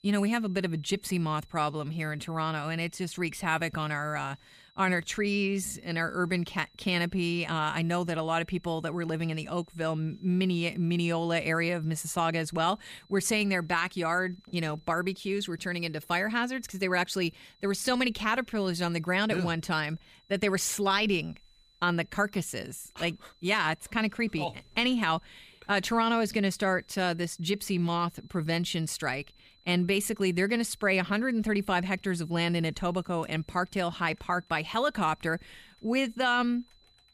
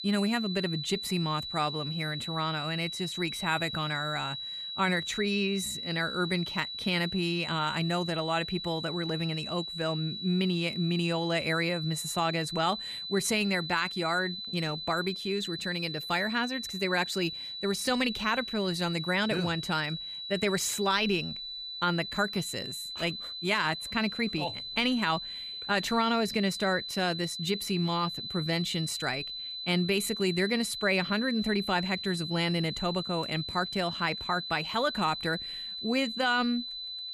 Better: first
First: high-pitched whine; faint; throughout; 4 kHz, 30 dB below the speech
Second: high-pitched whine; loud; throughout; 4 kHz, 5 dB below the speech

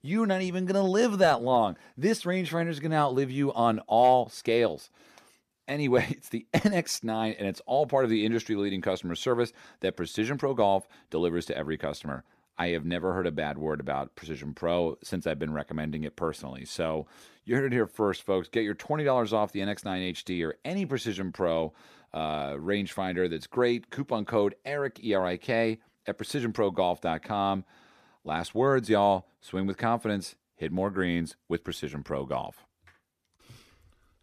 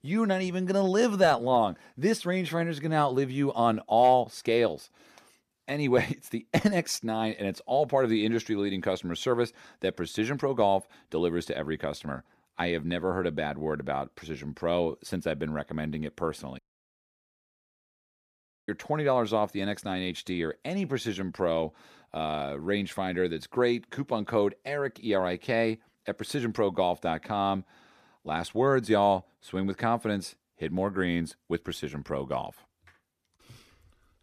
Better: first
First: none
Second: audio cutting out; at 17 s for 2 s

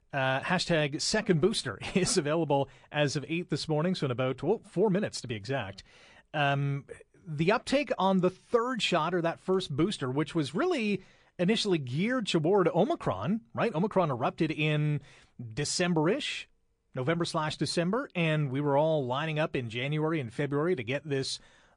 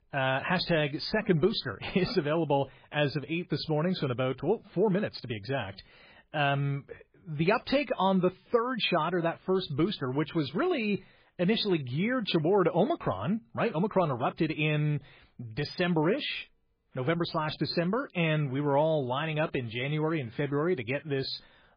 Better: first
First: garbled, watery; slightly; nothing above 10 kHz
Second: garbled, watery; badly; nothing above 4 kHz

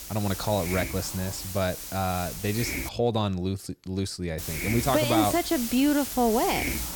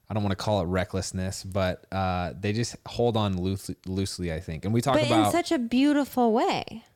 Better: second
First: hiss; loud; until 3 s and from 4.5 s on; 5 dB below the speech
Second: none

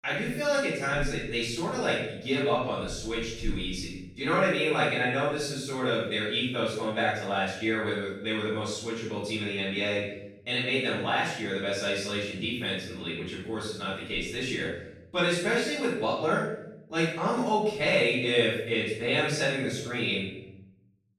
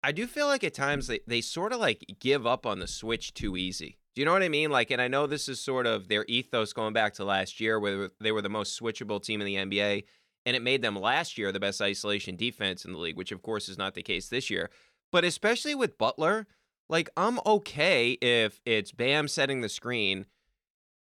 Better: second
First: off-mic speech; far // room echo; strong; dies away in 0.8 s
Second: none

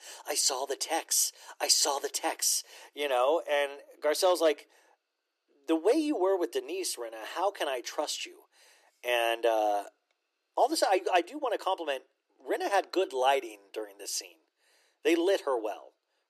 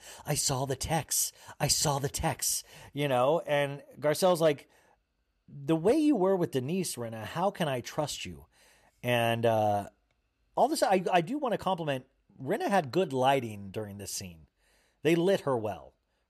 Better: second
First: thin; very; fading below 300 Hz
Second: none

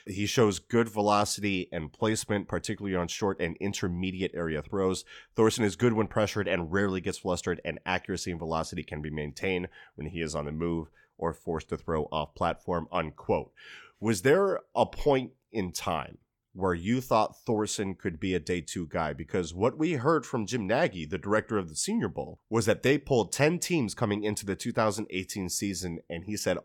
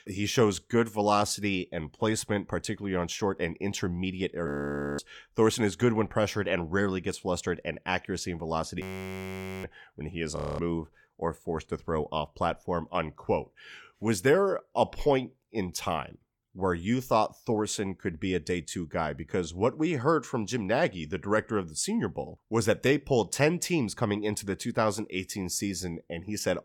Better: first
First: none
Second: audio freezing; at 4.5 s for 0.5 s, at 9 s for 1 s and at 10 s

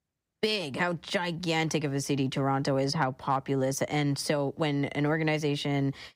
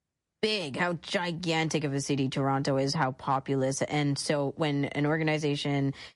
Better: first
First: none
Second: garbled, watery; slightly; nothing above 11 kHz

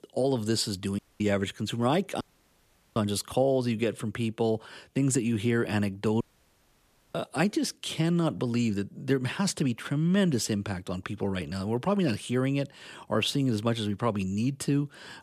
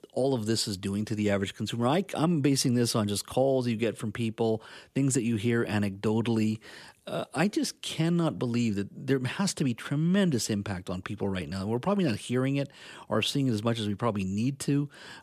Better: second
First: audio cutting out; at 1 s, at 2 s for 1 s and at 6 s for 1 s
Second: none

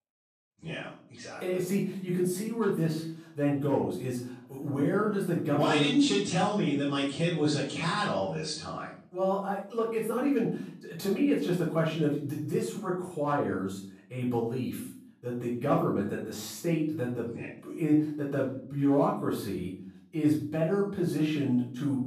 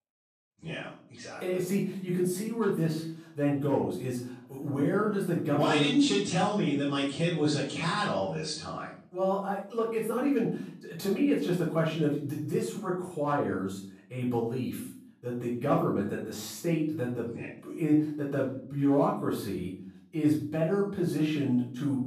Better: neither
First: off-mic speech; far // room echo; noticeable; dies away in 0.5 s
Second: off-mic speech; far // room echo; noticeable; dies away in 0.5 s

